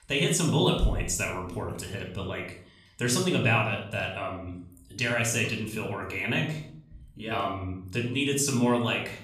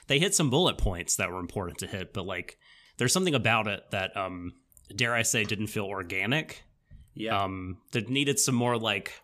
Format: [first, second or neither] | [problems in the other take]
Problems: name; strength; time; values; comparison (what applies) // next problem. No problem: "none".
second | off-mic speech; somewhat distant // room echo; noticeable; dies away in 0.5 s